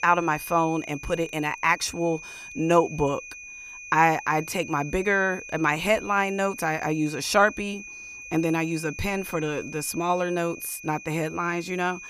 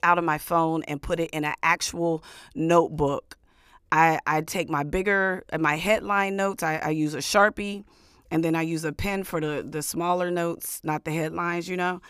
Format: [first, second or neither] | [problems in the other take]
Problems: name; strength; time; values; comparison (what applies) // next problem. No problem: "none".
second | high-pitched whine; noticeable; throughout; 2.5 kHz, 15 dB below the speech